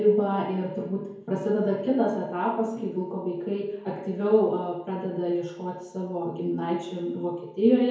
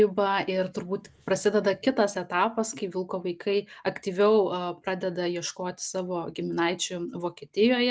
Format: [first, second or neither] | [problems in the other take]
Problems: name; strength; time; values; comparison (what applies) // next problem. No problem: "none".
second | room echo; dies away in 0.9 s